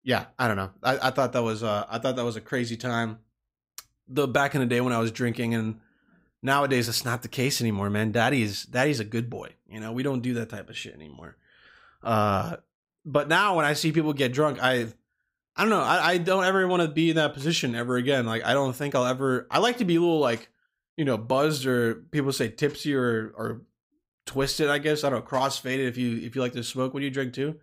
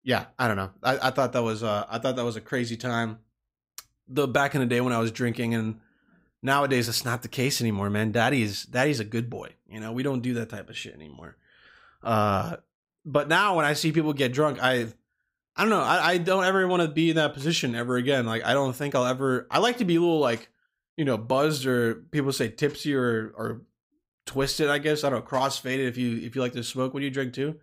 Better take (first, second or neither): neither